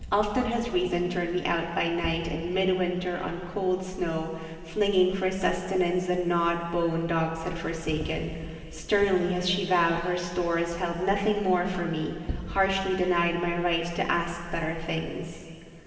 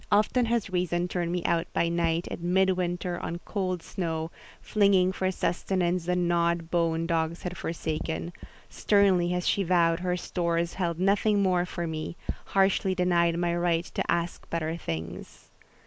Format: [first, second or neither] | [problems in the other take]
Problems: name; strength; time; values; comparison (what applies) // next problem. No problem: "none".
second | room echo; dies away in 2.6 s